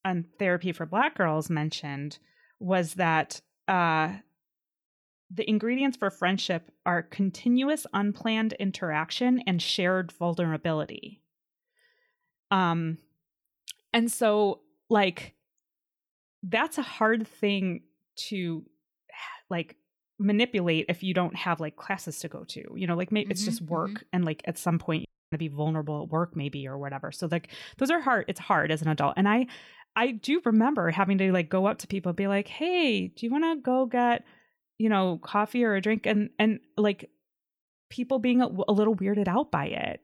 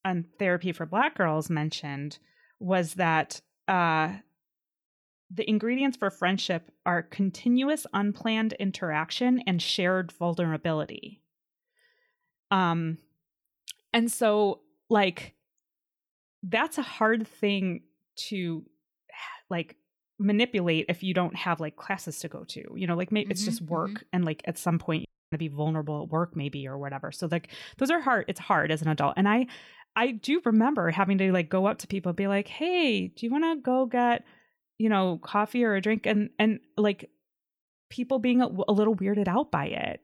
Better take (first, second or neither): neither